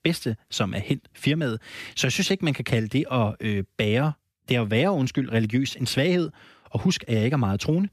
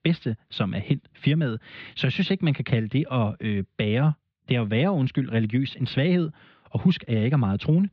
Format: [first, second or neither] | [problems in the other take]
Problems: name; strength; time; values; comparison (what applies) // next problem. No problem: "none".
first | muffled; slightly; fading above 4 kHz